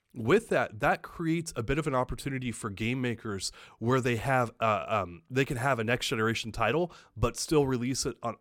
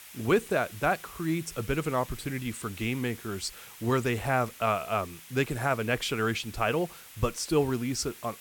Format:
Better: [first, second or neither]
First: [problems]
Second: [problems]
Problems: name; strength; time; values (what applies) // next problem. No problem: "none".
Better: first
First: none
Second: hiss; noticeable; throughout; 15 dB below the speech